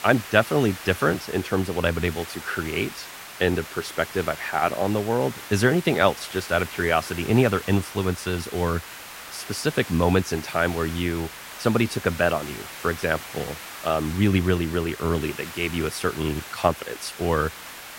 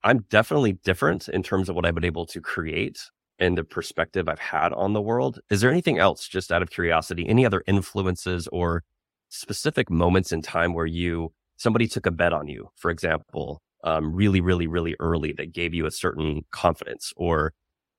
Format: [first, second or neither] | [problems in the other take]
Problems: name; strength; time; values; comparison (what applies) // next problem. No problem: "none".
second | hiss; noticeable; throughout; 10 dB below the speech